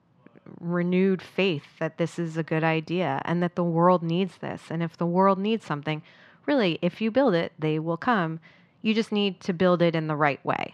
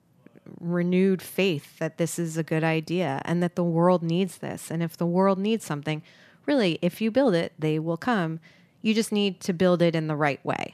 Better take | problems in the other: second | muffled; very slightly; fading above 3.5 kHz

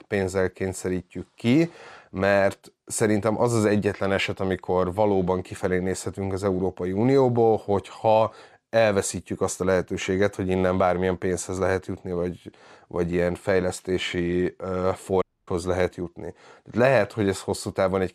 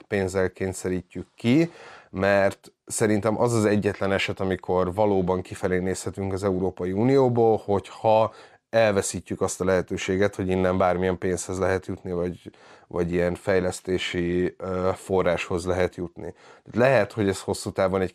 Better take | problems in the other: second | audio cutting out; at 15 s

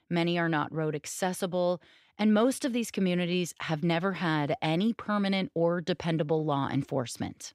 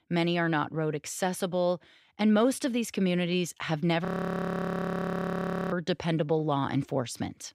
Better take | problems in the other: first | audio freezing; at 4 s for 1.5 s

